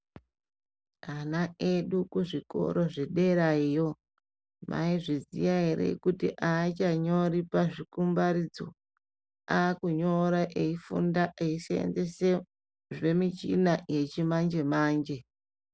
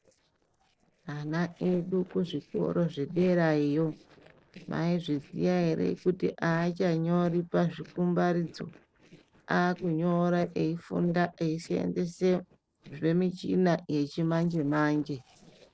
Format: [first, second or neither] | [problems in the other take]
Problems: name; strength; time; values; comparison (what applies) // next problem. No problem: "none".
first | noise reduction (neural separator model SepFormer DNS4)